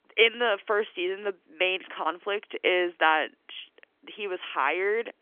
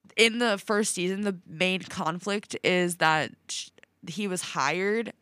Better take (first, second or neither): second